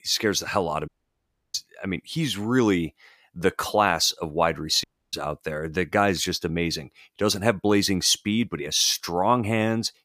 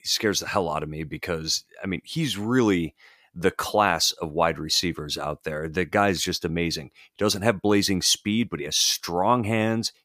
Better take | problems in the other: second | audio cutting out; at 1 s for 0.5 s and at 5 s

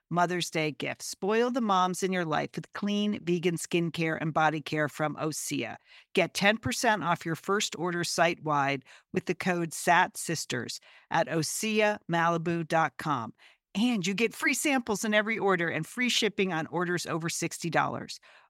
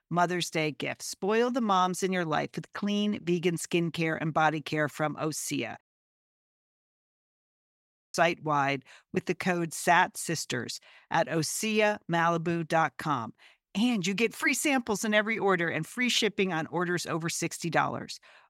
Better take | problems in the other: first | audio cutting out; at 6 s for 2.5 s

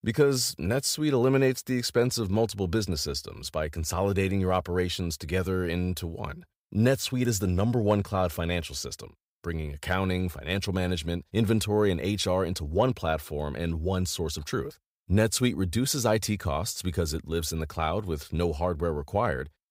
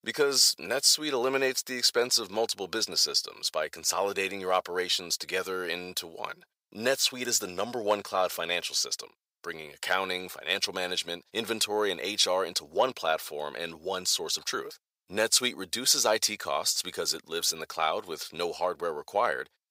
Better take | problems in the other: first | thin; very; fading below 550 Hz

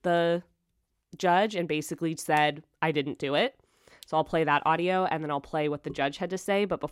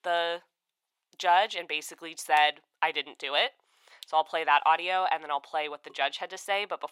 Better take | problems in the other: first | thin; very; fading below 800 Hz

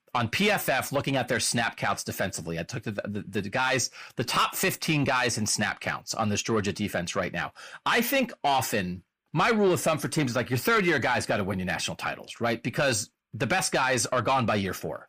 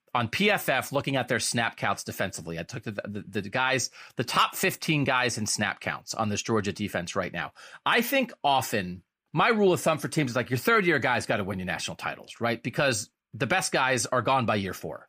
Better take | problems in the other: second | distortion; slight; 10 dB below the speech

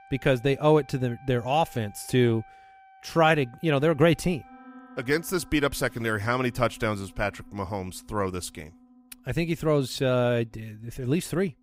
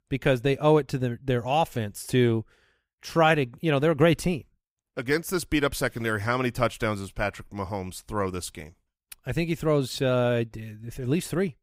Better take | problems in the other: second | background music; faint; throughout; 25 dB below the speech

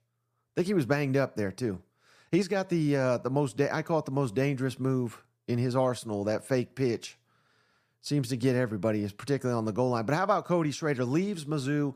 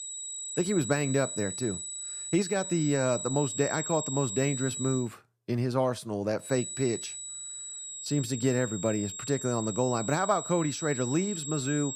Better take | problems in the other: first | high-pitched whine; loud; until 5 s and from 6.5 s on; 8 kHz, 6 dB below the speech

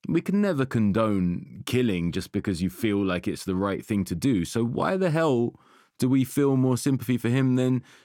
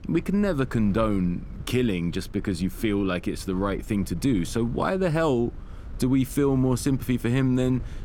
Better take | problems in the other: first | wind noise on the microphone; occasional gusts; 25 dB below the speech

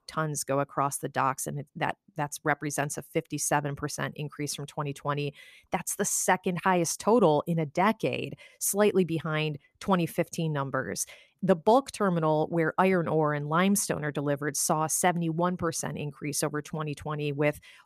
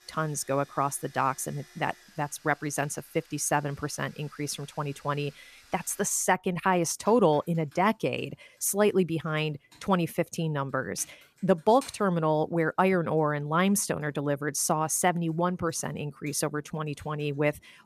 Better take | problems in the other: first | household noises; faint; throughout; 25 dB below the speech

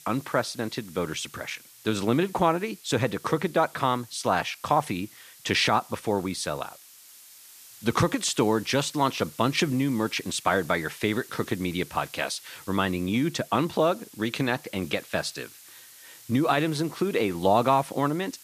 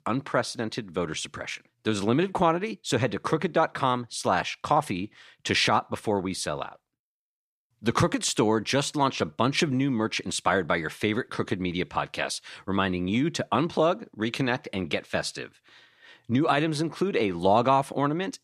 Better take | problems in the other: second | hiss; faint; throughout; 20 dB below the speech

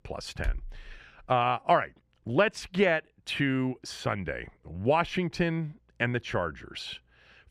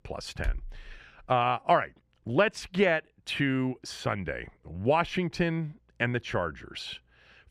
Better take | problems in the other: neither | none

